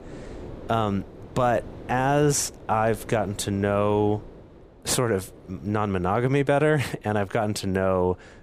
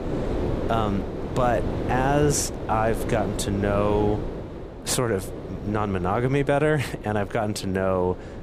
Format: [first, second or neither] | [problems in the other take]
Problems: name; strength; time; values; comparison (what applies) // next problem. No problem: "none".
first | wind noise on the microphone; heavy; 9 dB below the speech; occasional gusts in the first